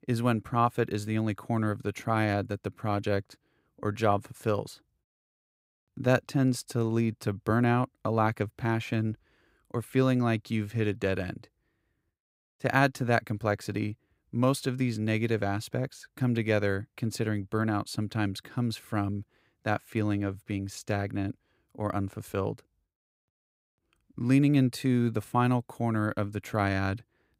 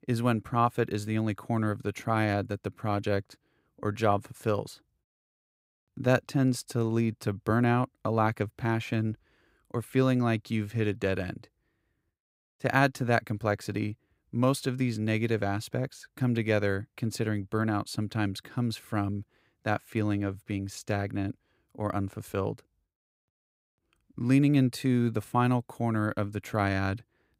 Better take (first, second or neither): neither